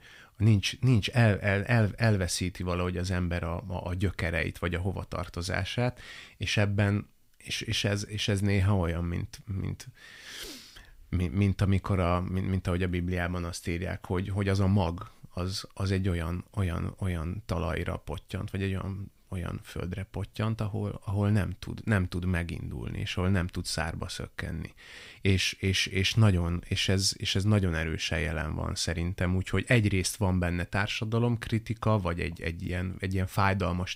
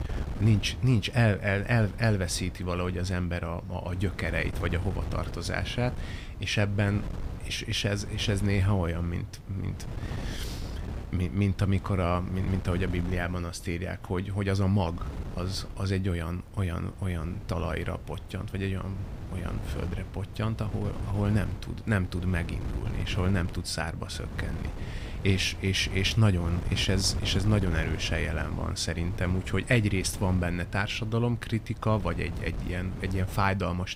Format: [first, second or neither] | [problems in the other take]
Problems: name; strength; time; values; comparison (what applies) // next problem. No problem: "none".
first | wind noise on the microphone; occasional gusts; 15 dB below the speech